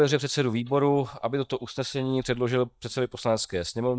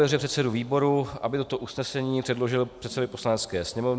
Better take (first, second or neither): second